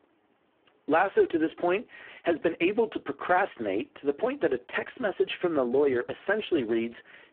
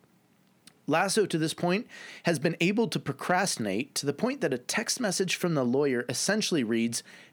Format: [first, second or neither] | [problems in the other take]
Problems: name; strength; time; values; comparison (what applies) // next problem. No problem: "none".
second | phone-call audio; poor line